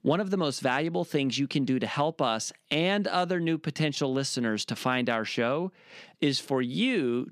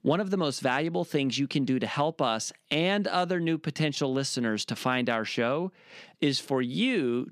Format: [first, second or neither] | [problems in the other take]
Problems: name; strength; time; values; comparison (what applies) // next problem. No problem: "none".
neither | none